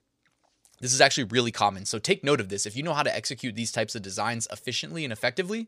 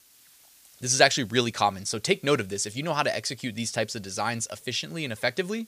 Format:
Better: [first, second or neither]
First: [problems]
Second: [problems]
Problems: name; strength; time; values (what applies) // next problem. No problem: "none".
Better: first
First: none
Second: hiss; faint; throughout; 30 dB below the speech